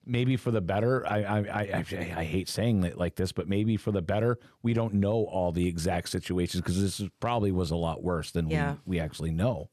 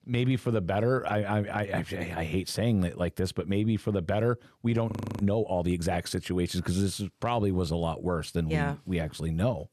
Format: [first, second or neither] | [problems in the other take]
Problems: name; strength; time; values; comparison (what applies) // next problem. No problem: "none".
first | audio freezing; at 5 s